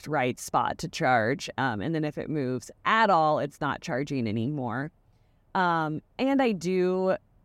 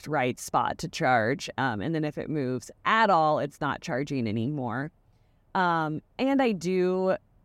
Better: neither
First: none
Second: none

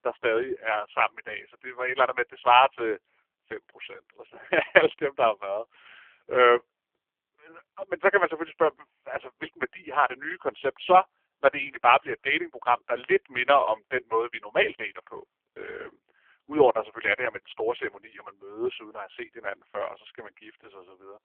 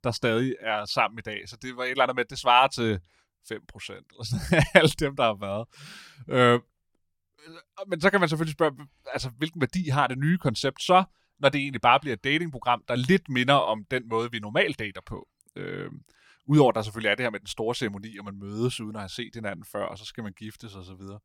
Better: second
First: phone-call audio; poor line; nothing above 3 kHz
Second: none

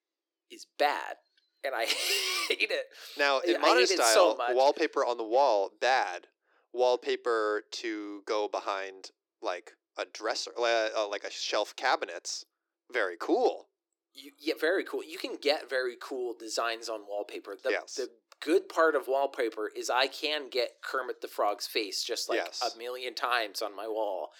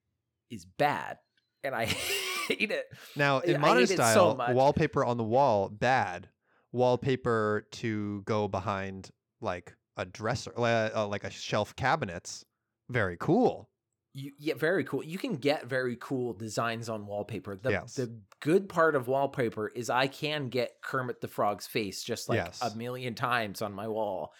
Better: second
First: thin; very; fading below 300 Hz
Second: none

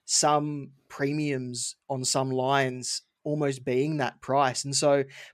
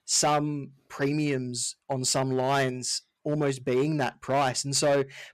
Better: first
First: none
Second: distortion; slight; 6% of the sound clipped

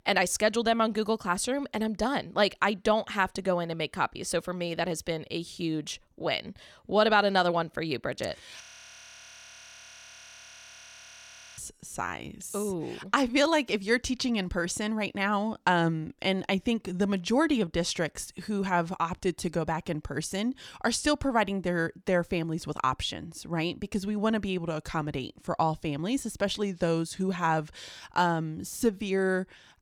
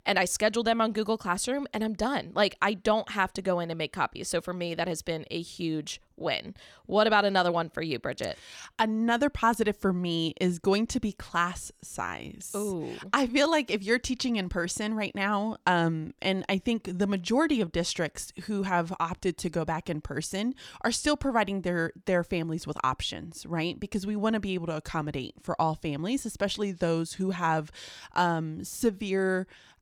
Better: second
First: audio freezing; at 8.5 s for 3 s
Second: none

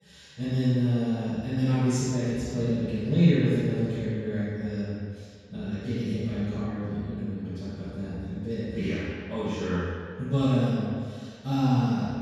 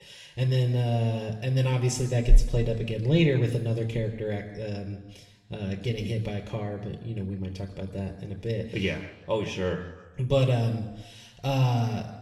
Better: second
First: room echo; strong; dies away in 1.9 s // off-mic speech; far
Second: room echo; slight; dies away in 1.1 s // off-mic speech; somewhat distant

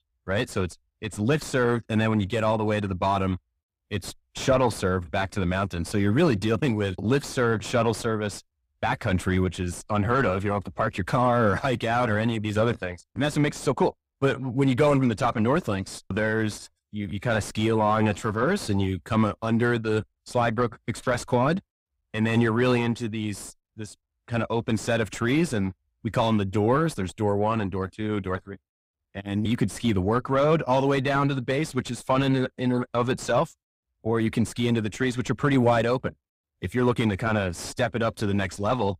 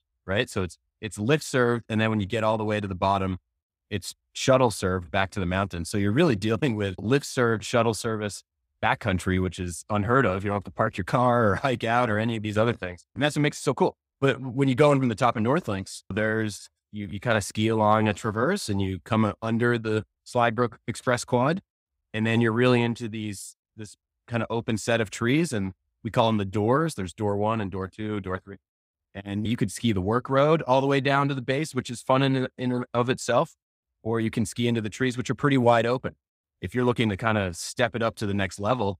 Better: second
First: distortion; slight; 10 dB below the speech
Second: none

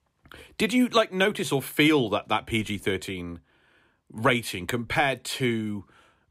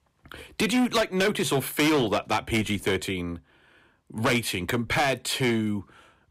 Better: first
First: none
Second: distortion; heavy; 10% of the sound clipped

